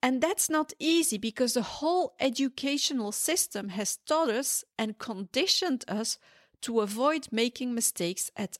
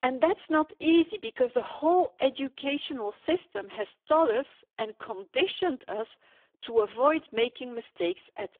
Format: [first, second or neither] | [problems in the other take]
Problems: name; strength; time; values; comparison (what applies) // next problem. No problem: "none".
first | phone-call audio; poor line; nothing above 3.5 kHz